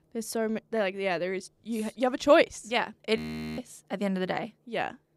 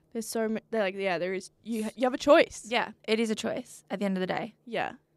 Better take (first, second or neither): second